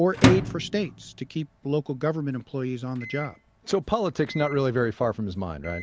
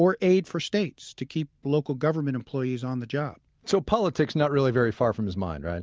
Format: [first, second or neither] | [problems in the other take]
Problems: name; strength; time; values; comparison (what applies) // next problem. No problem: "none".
second | background sound (Microwave oven); 4 dB below the speech